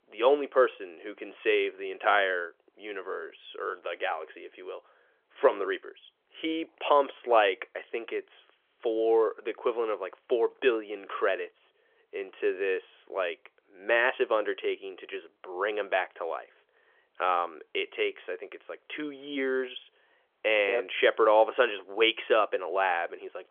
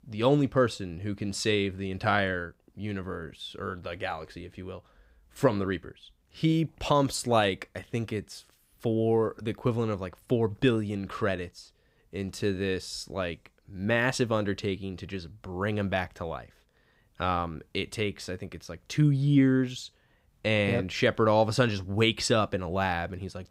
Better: second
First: phone-call audio; nothing above 3.5 kHz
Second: none

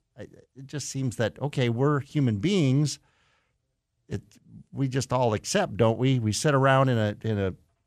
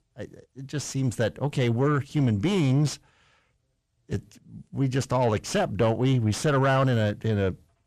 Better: first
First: none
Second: distortion; slight; 10 dB below the speech

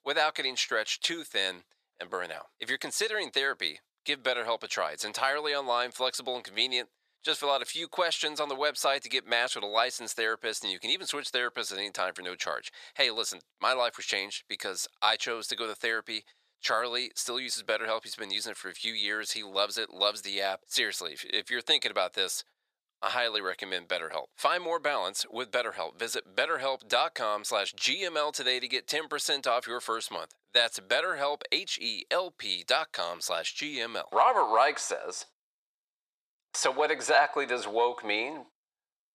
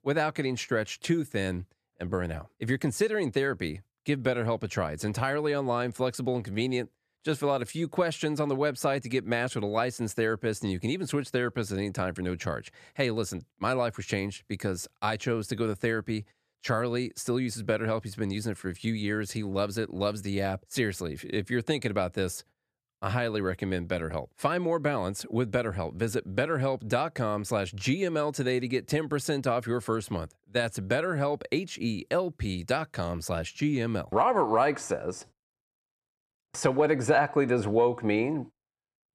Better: second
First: thin; very; fading below 750 Hz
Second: none

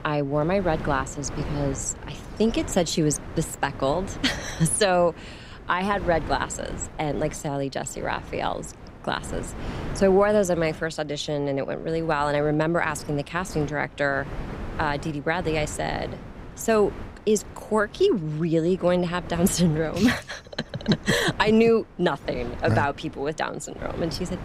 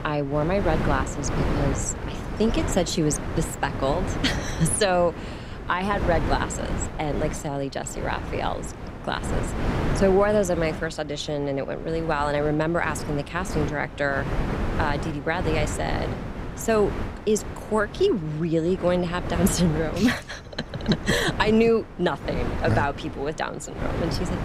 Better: first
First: wind noise on the microphone; occasional gusts; 15 dB below the speech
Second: wind noise on the microphone; heavy; 8 dB below the speech

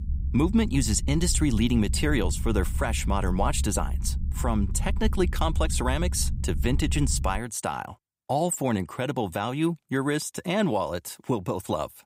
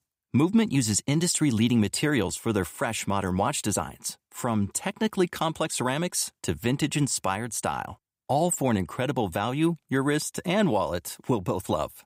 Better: second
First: low rumble; noticeable; until 7.5 s; 20 dB below the speech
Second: none

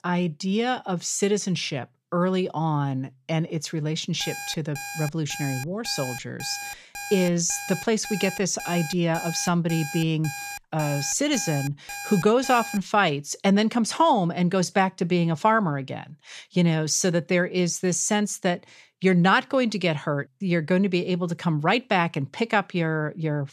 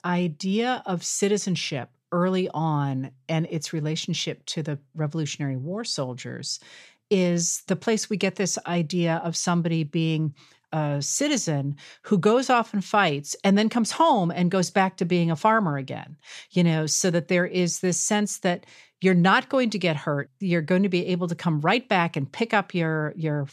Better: second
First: alarm; noticeable; from 4 to 13 s; peak 9 dB below the speech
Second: none

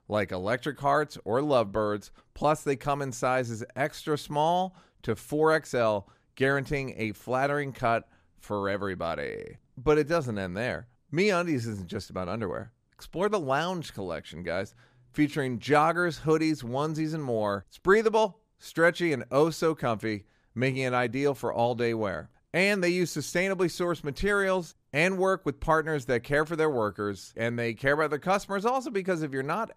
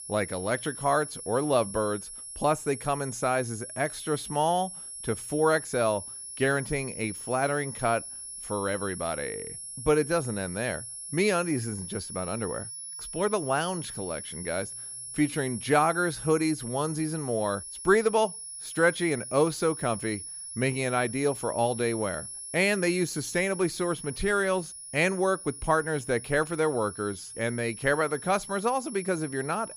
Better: first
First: none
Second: high-pitched whine; loud; throughout; 10.5 kHz, 9 dB below the speech

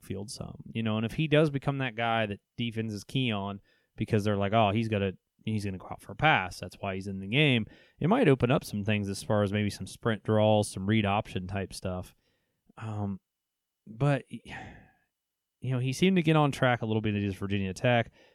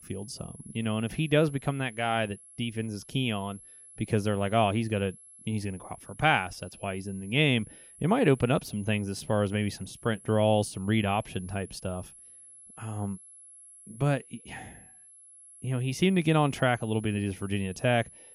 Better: first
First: none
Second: high-pitched whine; faint; throughout; 11 kHz, 20 dB below the speech

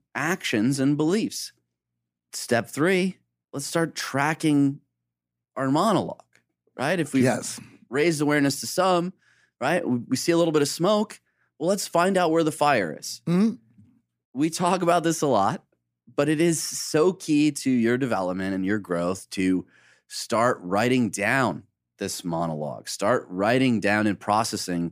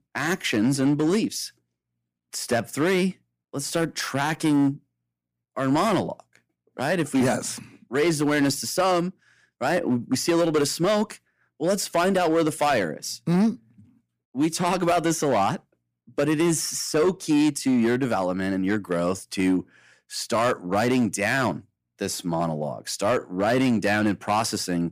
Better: first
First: none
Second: distortion; slight; 6% of the sound clipped

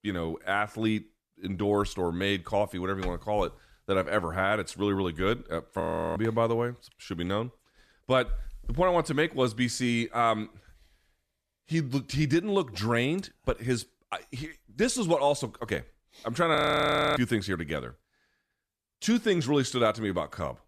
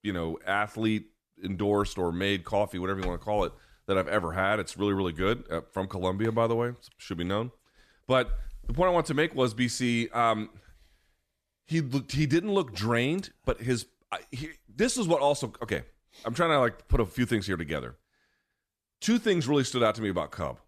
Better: second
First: audio freezing; at 6 s and at 17 s for 0.5 s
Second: none

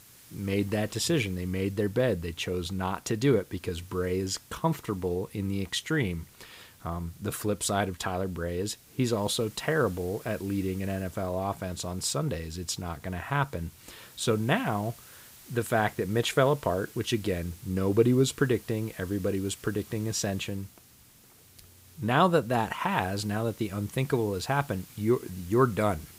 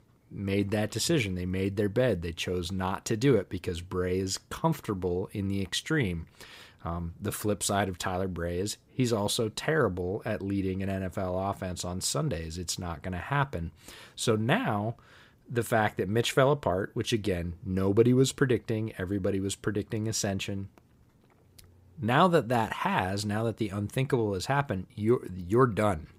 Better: second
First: hiss; faint; throughout; 20 dB below the speech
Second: none

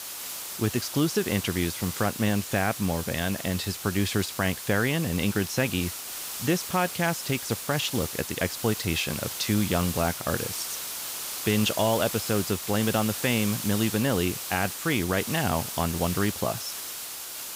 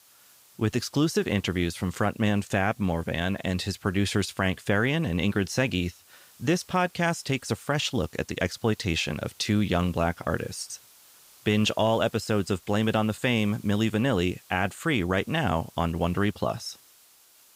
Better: second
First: hiss; loud; throughout; 6 dB below the speech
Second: hiss; faint; throughout; 25 dB below the speech

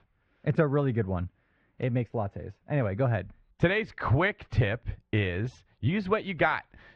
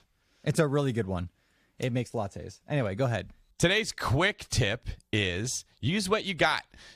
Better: second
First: muffled; very; fading above 2.5 kHz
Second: none

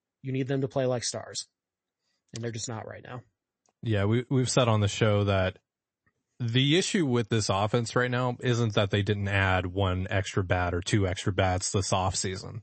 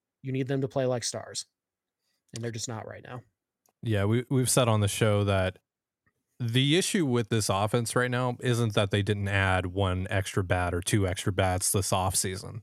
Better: second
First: garbled, watery; slightly; nothing above 8 kHz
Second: none

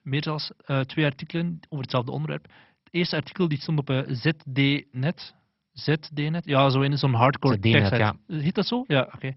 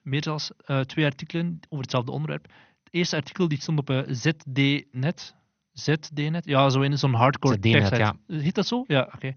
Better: second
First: garbled, watery; badly; nothing above 5.5 kHz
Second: garbled, watery; slightly; nothing above 6.5 kHz

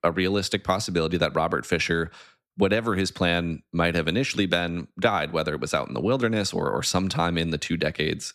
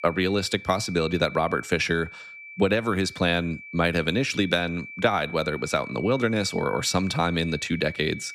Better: first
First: none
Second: high-pitched whine; noticeable; throughout; 2.5 kHz, 15 dB below the speech

